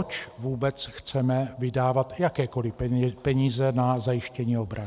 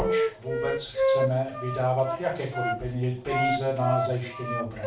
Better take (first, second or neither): first